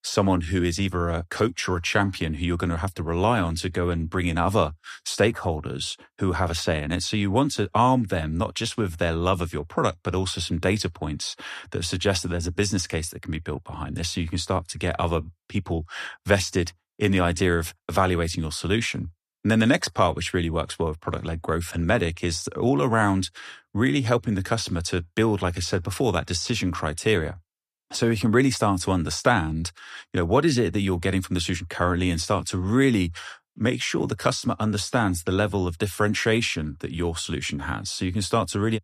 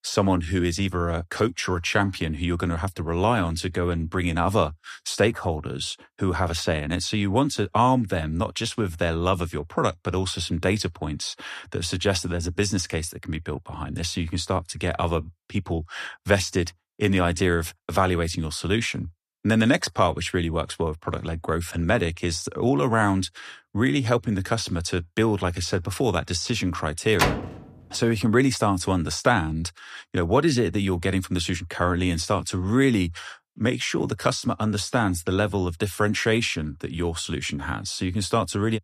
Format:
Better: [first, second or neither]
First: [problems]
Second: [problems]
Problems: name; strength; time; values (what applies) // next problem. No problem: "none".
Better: first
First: none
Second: door banging; loud; at 27 s; peak 1 dB above the speech